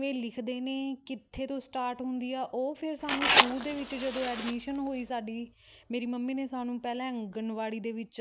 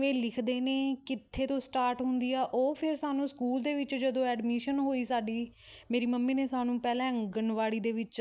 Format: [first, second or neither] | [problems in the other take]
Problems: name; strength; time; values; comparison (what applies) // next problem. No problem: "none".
second | background sound (Fire); 4 dB above the speech